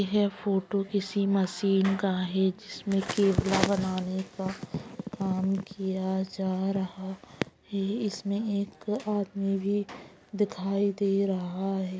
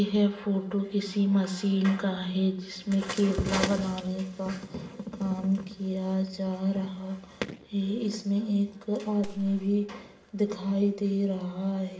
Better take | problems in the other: first | background sound (Gunshot, gunfire); 19 dB below the speech // room echo; dies away in 0.6 s

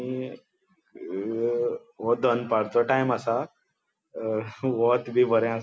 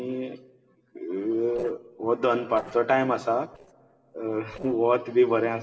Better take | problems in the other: first | noise reduction (neural separator model SepFormer DNS4)

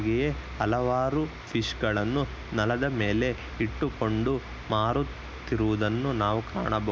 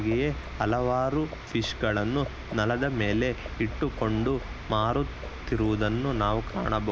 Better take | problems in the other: first | background sound (Livestock, farm animals, working animals); 13 dB below the speech

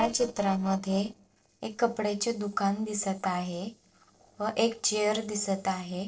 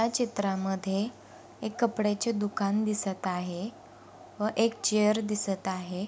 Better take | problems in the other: second | noise reduction (neural separator model SepFormer DNS4)

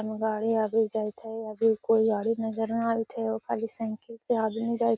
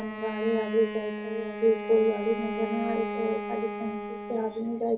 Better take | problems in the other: first | background sound (Bowed string instrument); 6 dB below the speech // room echo; dies away in 0.3 s

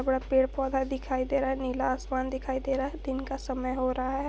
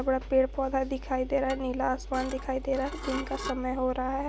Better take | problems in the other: first | background sound (Dishes, pots, and pans / Glass); 13 dB below the speech

